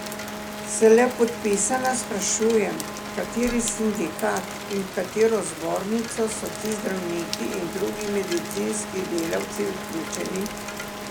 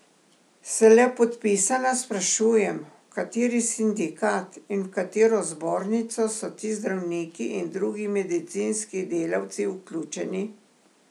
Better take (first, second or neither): second